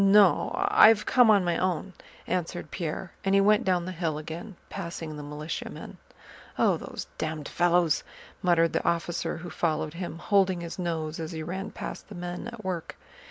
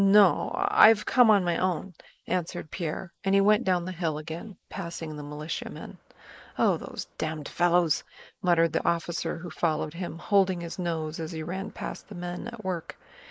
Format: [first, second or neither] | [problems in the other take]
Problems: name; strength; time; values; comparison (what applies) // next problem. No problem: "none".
first | noise reduction (neural mask model Resemble Enhance denoiser)